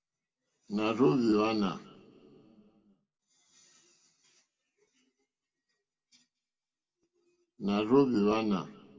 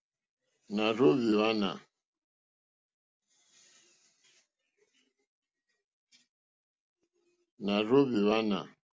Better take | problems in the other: second | room echo; dies away in 1.5 s

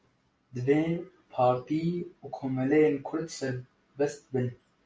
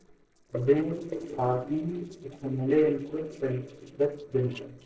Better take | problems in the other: first | noise reduction (neural separator model SepFormer DNS4)

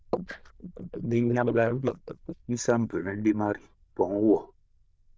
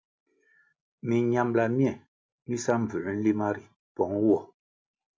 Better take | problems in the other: second | noise reduction (neural diffusion model UNIVERSE++)

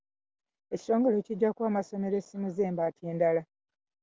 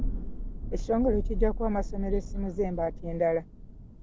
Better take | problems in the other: first | background sound (Thunder); 2 dB below the speech

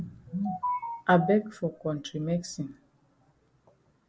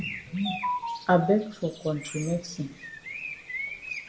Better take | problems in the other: first | background sound (Bird); 10 dB below the speech // room echo; dies away in 0.5 s

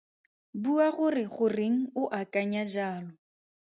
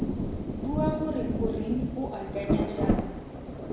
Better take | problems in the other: first | background sound (Rain); 4 dB above the speech // room echo; dies away in 1 s

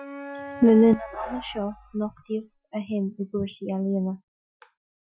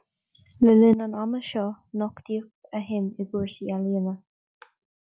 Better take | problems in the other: second | noise reduction (classical method Wiener filter)

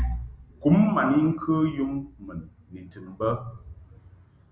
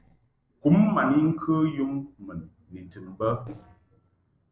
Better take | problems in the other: first | noise reduction (neural separator model SepFormer DNS4)

